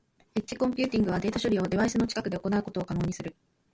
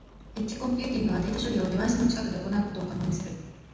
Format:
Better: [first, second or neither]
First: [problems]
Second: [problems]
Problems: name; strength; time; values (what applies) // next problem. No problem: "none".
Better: first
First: none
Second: background sound (Rain); 15 dB below the speech // room echo; dies away in 1 s